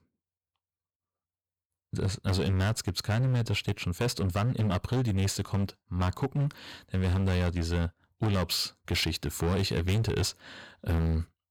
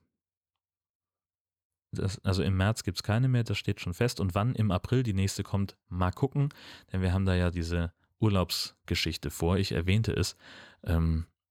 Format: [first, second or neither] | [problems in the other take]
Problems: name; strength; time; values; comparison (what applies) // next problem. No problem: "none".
second | distortion; slight; 15% of the sound clipped